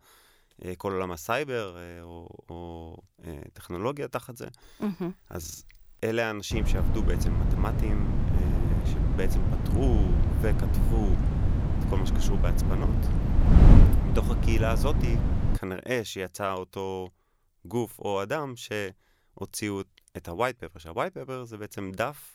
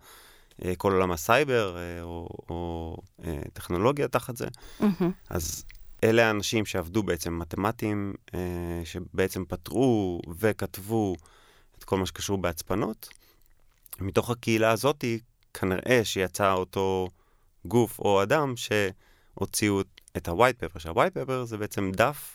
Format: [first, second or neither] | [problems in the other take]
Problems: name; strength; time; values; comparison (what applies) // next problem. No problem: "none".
second | wind noise on the microphone; heavy; from 6.5 to 16 s; 3 dB below the speech